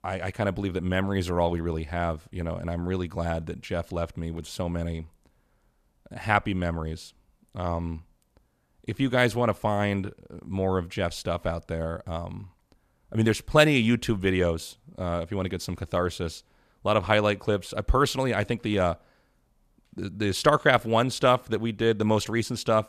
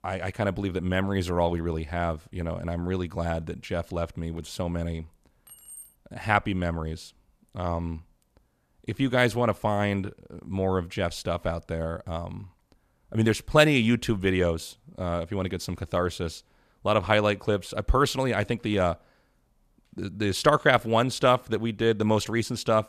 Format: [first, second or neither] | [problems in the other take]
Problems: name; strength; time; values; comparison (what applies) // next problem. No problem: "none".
first | jangling keys; faint; at 5.5 s; peak 15 dB below the speech